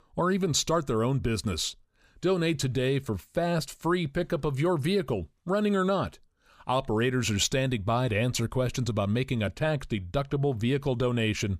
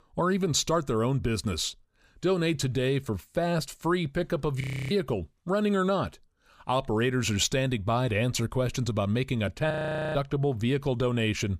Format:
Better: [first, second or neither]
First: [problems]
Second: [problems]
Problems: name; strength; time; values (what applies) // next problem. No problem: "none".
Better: first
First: none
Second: audio freezing; at 4.5 s and at 9.5 s